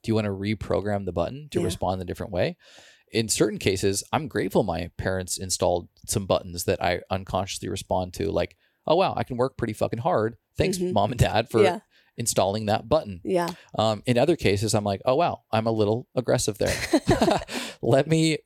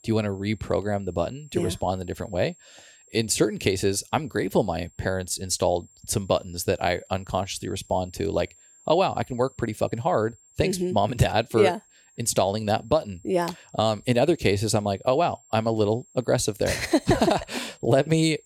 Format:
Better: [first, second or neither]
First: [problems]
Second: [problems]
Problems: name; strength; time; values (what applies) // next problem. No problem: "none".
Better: first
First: none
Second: high-pitched whine; faint; throughout; 7.5 kHz, 30 dB below the speech